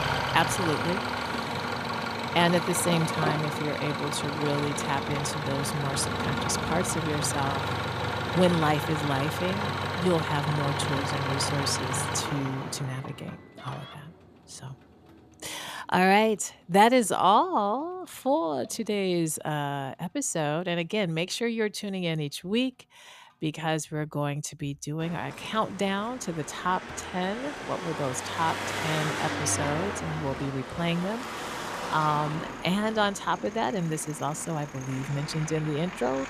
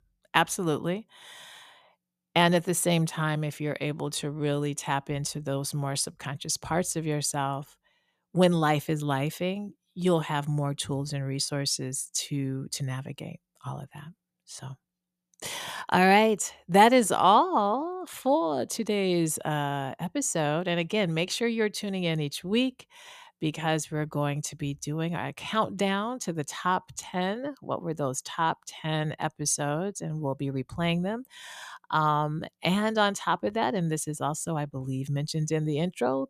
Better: second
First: traffic noise; loud; throughout; 3 dB below the speech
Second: none

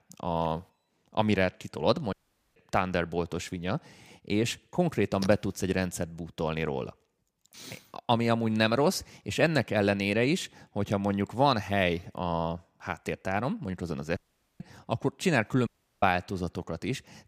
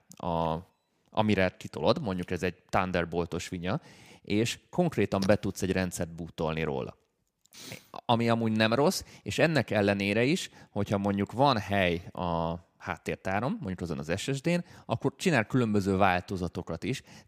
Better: second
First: audio cutting out; at 2 s, at 14 s and at 16 s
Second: none

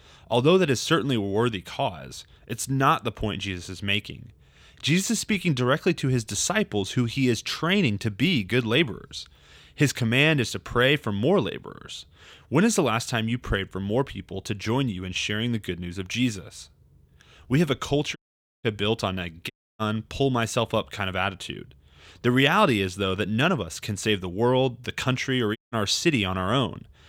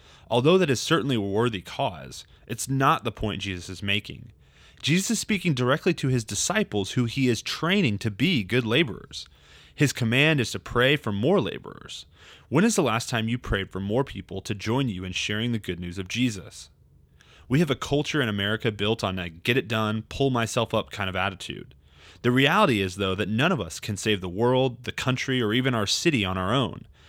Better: second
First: audio cutting out; at 18 s, at 20 s and at 26 s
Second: none

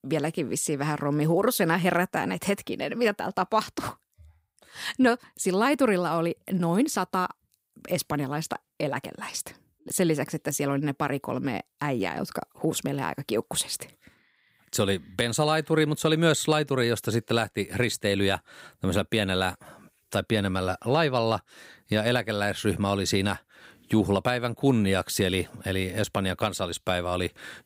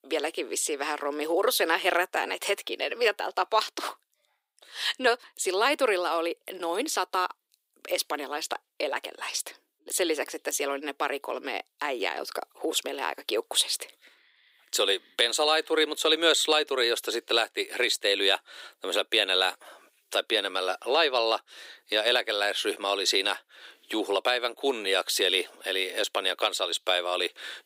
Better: first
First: none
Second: thin; very; fading below 350 Hz

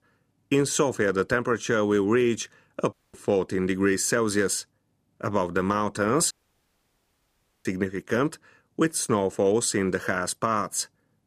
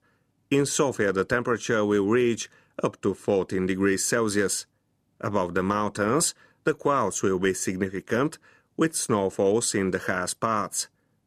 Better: second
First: audio cutting out; at 3 s and at 6.5 s for 1.5 s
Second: none

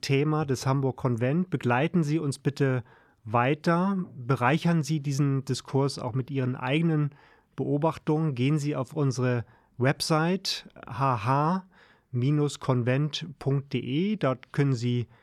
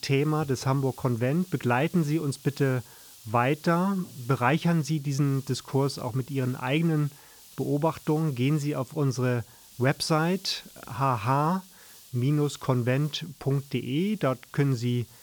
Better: first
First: none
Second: hiss; faint; throughout; 20 dB below the speech

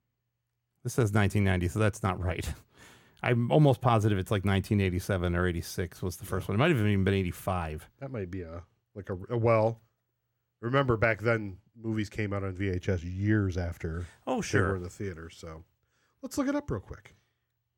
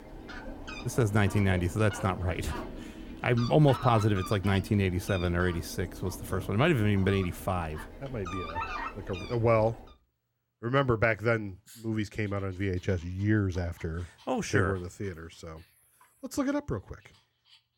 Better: first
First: none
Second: animal sounds; noticeable; throughout; 10 dB below the speech

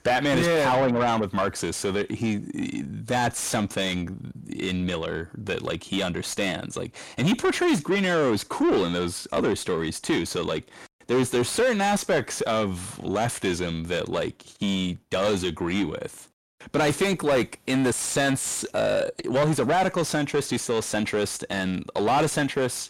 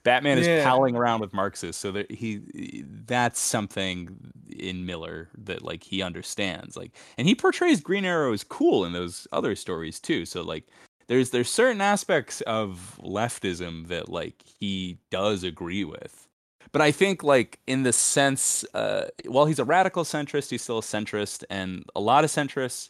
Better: second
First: distortion; heavy; 6 dB below the speech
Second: none

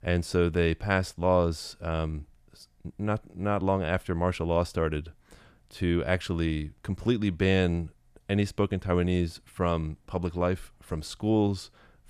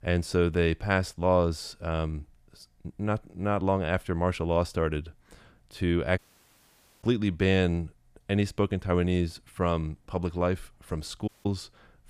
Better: first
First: none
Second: audio cutting out; at 6 s for 1 s and at 11 s

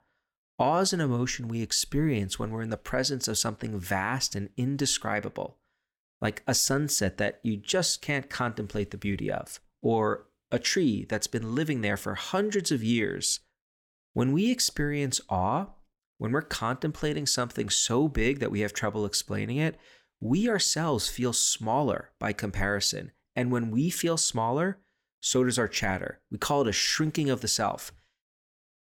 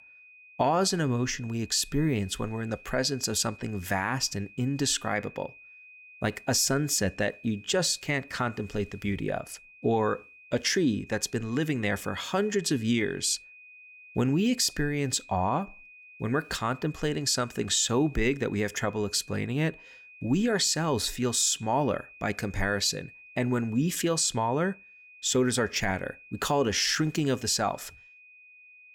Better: first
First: none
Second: high-pitched whine; faint; throughout; 2.5 kHz, 20 dB below the speech

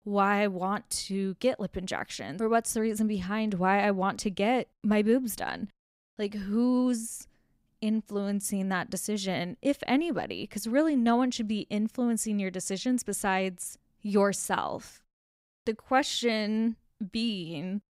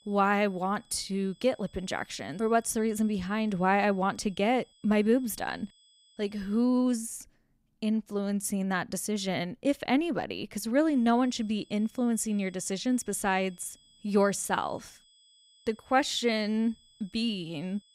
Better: first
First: none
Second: high-pitched whine; faint; until 6.5 s and from 11 s on; 3.5 kHz, 30 dB below the speech

